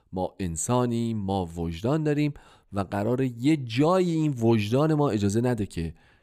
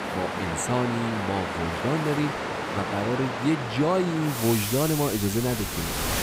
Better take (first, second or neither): first